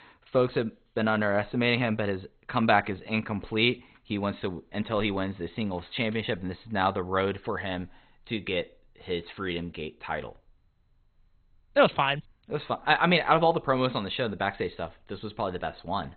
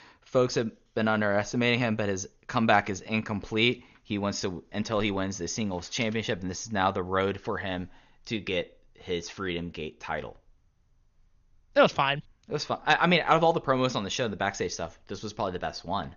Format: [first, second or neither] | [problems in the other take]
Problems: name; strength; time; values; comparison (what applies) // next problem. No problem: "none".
second | garbled, watery; badly; nothing above 4 kHz; slightly in the second